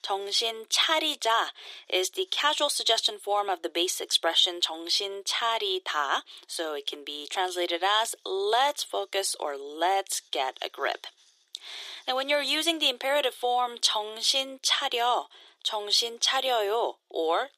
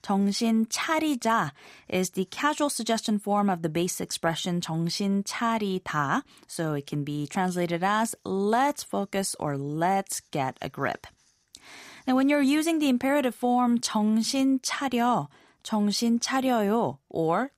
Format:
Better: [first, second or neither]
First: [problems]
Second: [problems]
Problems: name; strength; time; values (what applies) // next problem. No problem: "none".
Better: second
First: thin; very; fading below 350 Hz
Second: none